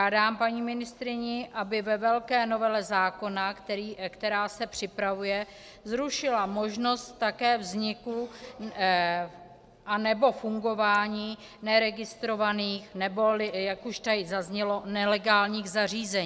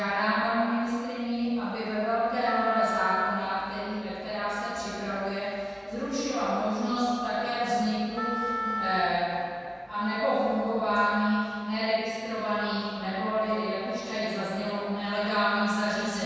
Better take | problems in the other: first | background sound (Wind instrument, woodwind instrument); 6 dB below the speech // room echo; dies away in 2.1 s

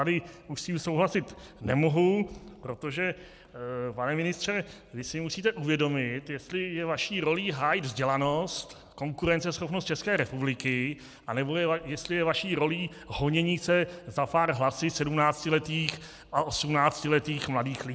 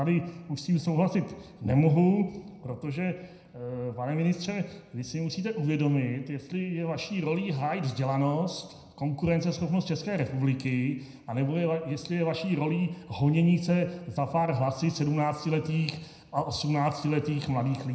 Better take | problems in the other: first | room echo; dies away in 0.8 s

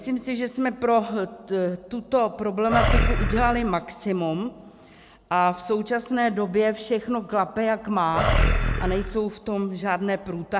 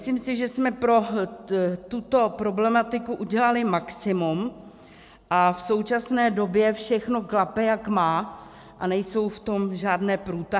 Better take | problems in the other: second | background sound (Animal); 3 dB above the speech

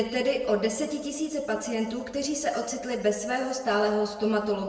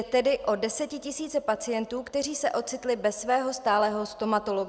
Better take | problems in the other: second | room echo; dies away in 1.2 s

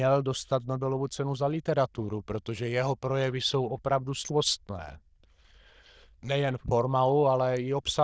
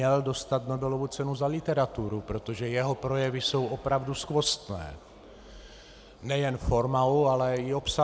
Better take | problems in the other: second | noise reduction (neural diffusion model UNIVERSE++)

